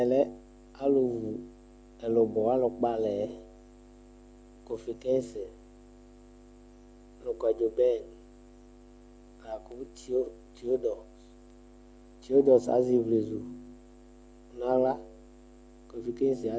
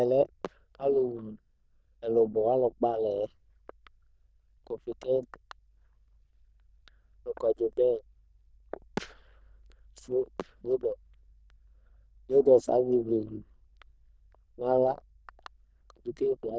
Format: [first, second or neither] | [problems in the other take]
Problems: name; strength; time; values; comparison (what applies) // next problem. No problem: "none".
first | noise reduction (neural diffusion model UNIVERSE++)